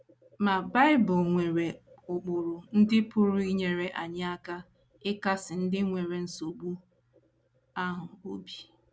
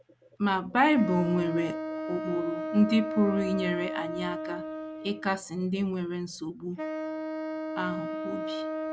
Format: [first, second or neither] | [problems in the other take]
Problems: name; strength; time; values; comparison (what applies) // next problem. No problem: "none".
first | background sound (Wind instrument, woodwind instrument); 6 dB below the speech